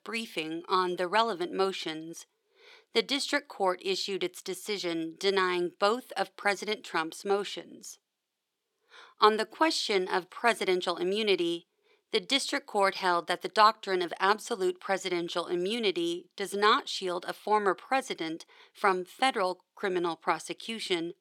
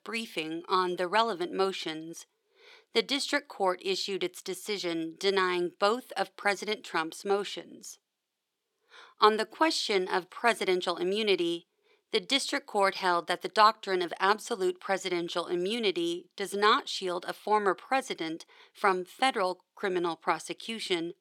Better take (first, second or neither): neither